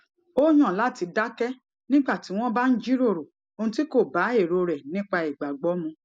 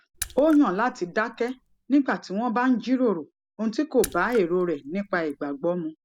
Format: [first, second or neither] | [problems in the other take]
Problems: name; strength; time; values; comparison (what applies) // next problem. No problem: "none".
first | background sound (Raindrop / Splash, splatter); 18 dB below the speech